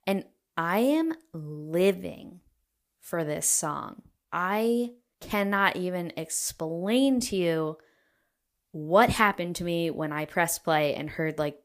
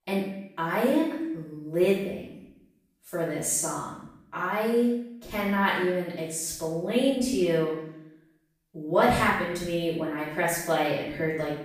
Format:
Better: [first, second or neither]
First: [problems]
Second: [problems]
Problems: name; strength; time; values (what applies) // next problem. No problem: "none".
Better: first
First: none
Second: off-mic speech; far // room echo; noticeable; dies away in 0.7 s